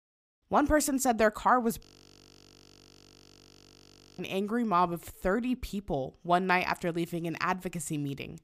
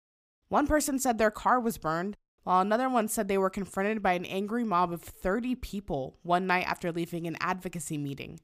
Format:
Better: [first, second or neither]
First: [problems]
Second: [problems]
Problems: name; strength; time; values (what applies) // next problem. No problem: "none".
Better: second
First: audio freezing; at 2 s for 2.5 s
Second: none